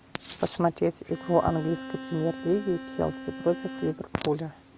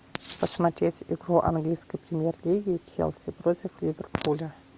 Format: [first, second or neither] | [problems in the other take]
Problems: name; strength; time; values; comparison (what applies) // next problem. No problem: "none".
second | background sound (Bowed string instrument); 12 dB below the speech